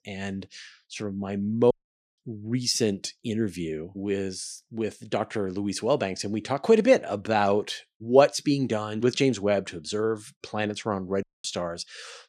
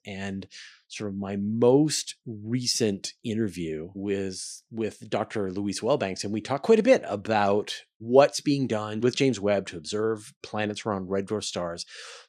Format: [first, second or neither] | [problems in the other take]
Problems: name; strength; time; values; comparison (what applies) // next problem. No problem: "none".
second | audio cutting out; at 1.5 s and at 11 s